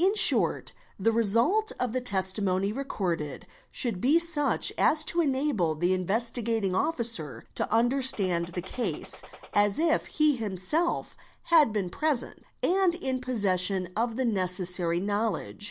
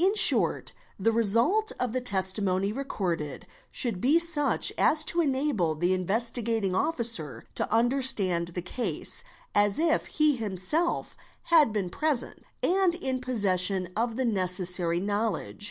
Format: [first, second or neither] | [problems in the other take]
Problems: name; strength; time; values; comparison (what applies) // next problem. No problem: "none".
second | background sound (Gunshot, gunfire); 19 dB below the speech